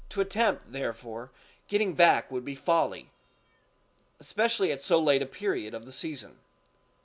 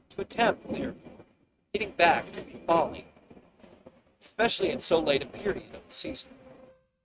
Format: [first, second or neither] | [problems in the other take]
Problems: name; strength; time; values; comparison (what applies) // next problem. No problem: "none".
first | noise reduction (neural mask model RNNoise)